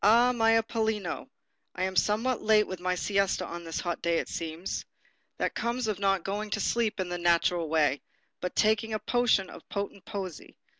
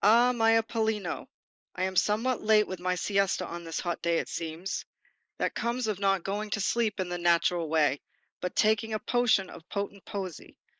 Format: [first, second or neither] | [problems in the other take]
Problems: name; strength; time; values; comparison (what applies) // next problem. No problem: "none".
first | noise reduction (neural mask model Resemble Enhance denoiser)